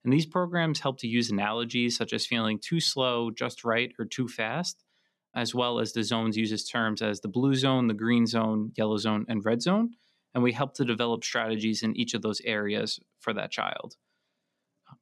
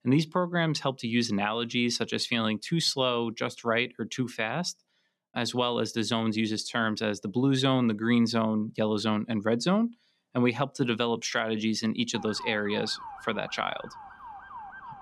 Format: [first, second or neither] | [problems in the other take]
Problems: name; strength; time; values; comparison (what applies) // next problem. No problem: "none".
first | siren; faint; from 12 s on; peak 10 dB below the speech